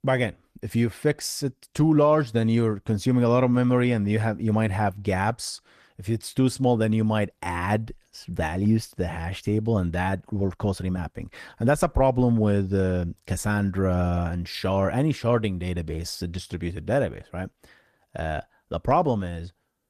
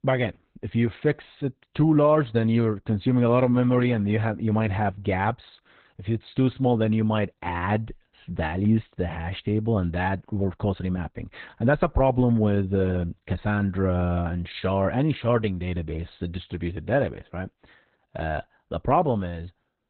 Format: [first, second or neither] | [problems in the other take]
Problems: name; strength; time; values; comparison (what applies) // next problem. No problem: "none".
first | garbled, watery; badly; nothing above 4 kHz; slightly in the first